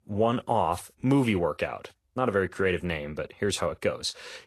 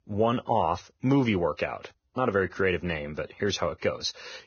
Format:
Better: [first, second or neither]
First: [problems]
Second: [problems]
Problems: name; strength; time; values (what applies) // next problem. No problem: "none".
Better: first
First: garbled, watery; slightly; nothing above 12.5 kHz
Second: garbled, watery; badly; nothing above 6.5 kHz